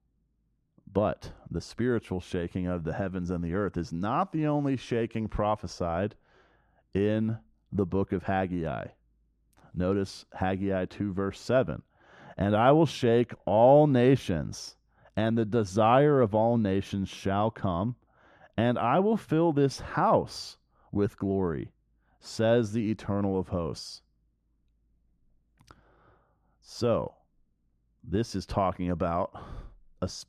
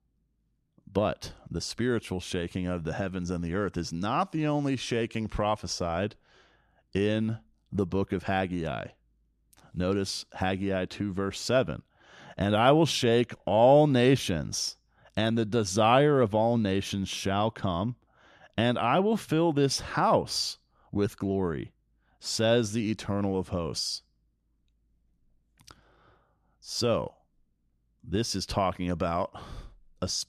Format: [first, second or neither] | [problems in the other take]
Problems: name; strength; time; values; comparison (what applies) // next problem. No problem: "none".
second | muffled; slightly; fading above 2 kHz